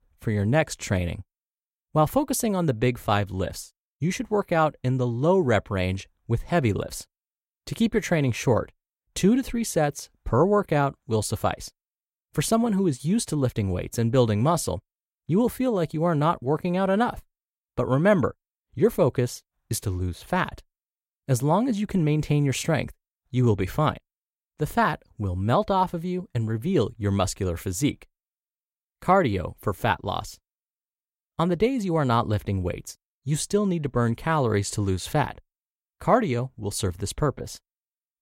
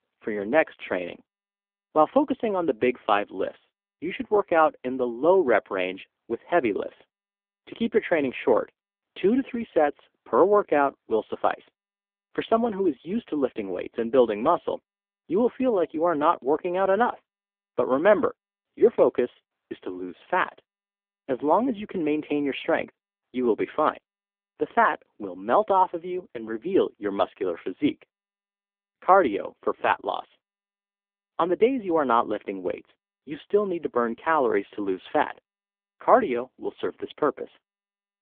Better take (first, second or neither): first